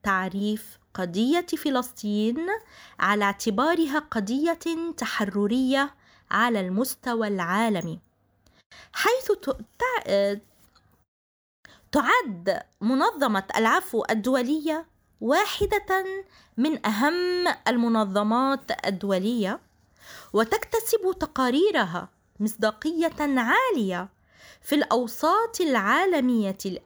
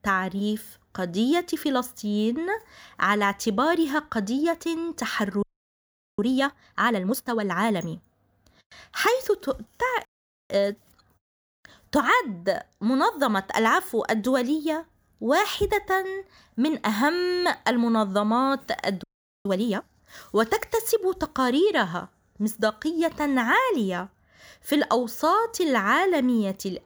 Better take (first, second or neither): first